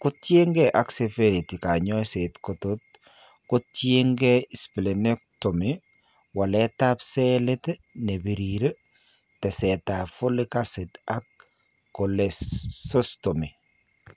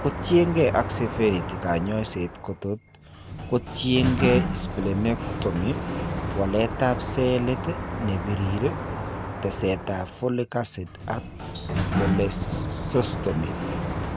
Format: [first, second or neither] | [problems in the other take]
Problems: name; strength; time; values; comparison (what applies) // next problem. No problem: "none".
first | background sound (Sliding door); 3 dB below the speech